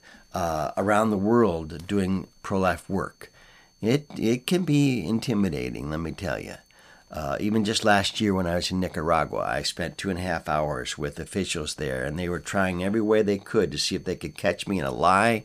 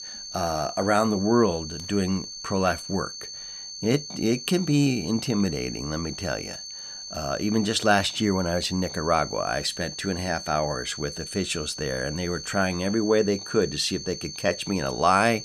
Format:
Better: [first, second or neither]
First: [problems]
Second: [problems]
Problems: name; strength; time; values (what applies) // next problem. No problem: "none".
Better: first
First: high-pitched whine; faint; throughout; 4.5 kHz, 35 dB below the speech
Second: high-pitched whine; loud; throughout; 4.5 kHz, 9 dB below the speech